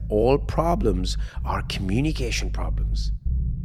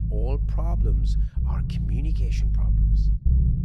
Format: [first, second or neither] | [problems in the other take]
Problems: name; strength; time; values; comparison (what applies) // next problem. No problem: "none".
first | low rumble; loud; throughout; as loud as the speech; faint in the first